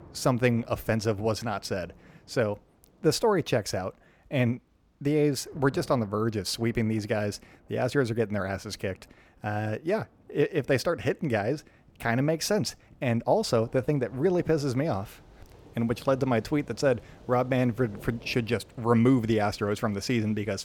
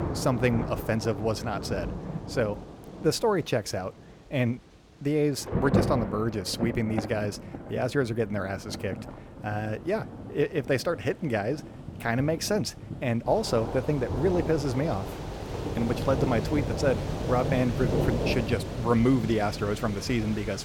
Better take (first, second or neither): first